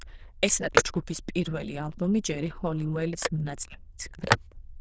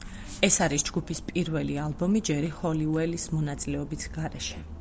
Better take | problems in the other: second | noise reduction (neural diffusion model UNIVERSE++)

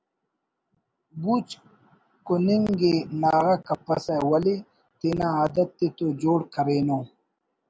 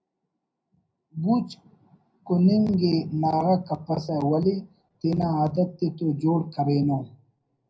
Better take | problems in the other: first | room echo; dies away in 0.4 s

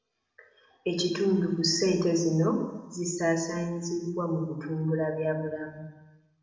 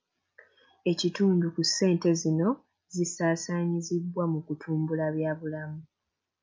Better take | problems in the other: second | room echo; dies away in 1 s

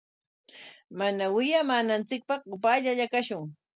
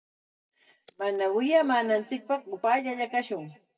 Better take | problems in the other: first | noise reduction (neural mask model DeepFilterNet 3)

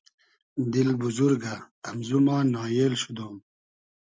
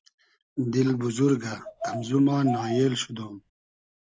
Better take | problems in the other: first | background sound (Bird vocalization, bird call, bird song); 11 dB below the speech

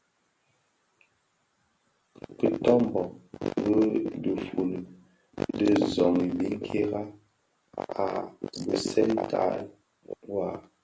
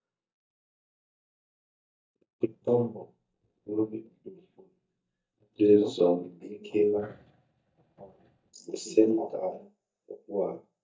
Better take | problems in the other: first | noise reduction (neural mask model DeepFilterNet 3)

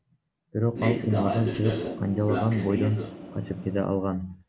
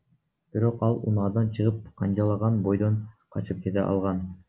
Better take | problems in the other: second | background sound (Train); 4 dB below the speech

